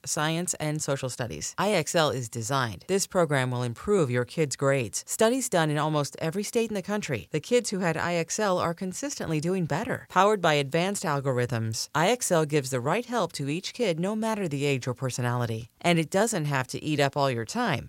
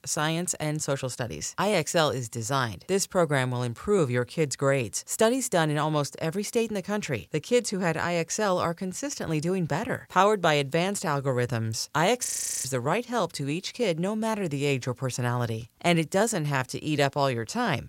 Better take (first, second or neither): first